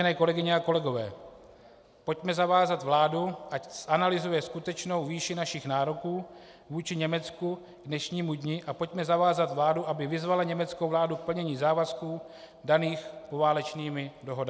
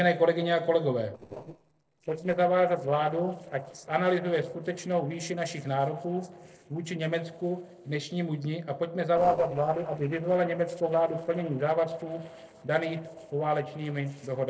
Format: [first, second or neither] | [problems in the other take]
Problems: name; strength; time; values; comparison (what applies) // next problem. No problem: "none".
first | noise reduction (neural separator model SepFormer DNS4)